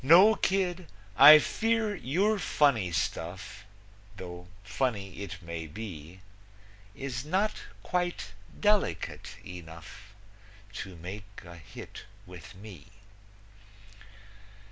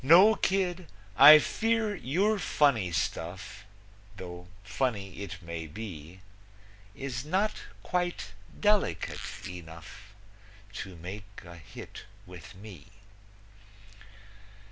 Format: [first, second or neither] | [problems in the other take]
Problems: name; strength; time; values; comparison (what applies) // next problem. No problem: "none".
first | background sound (Squeak); 13 dB below the speech